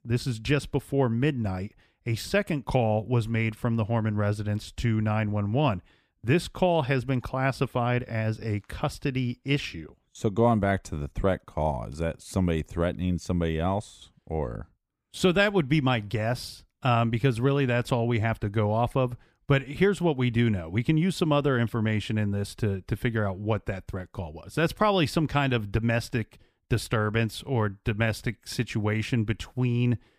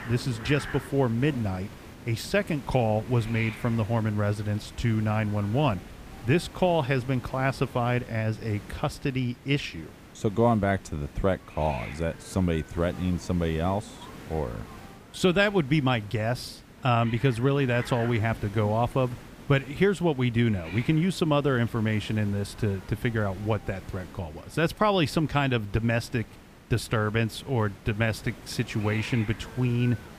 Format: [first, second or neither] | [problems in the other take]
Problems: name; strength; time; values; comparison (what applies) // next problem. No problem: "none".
first | hiss; noticeable; throughout; 15 dB below the speech